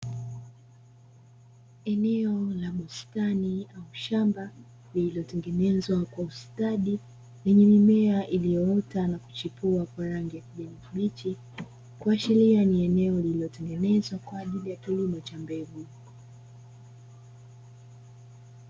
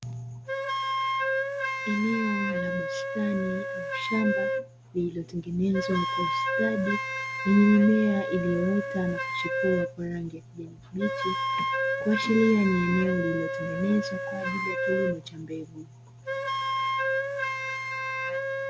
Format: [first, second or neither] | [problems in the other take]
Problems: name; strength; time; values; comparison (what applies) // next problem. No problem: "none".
first | background sound (Wind instrument, woodwind instrument); 2 dB below the speech